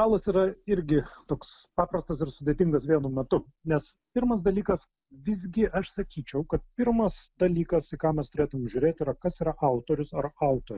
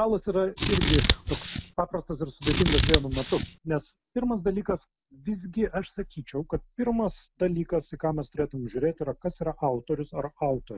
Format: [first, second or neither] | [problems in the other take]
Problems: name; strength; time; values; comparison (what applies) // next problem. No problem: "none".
first | background sound (Scissors); 3 dB above the speech